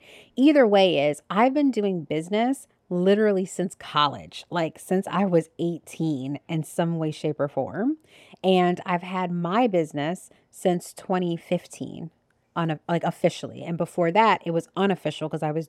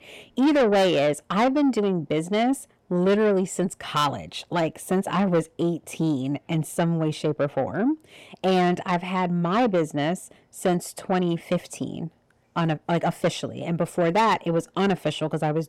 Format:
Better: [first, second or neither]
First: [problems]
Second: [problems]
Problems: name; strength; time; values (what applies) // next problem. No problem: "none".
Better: first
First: none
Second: distortion; slight; 10 dB below the speech